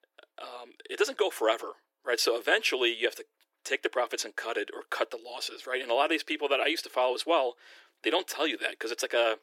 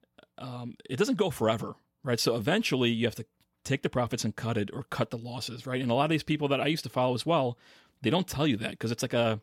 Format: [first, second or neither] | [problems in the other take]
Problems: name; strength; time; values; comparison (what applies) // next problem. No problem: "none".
second | thin; very; fading below 350 Hz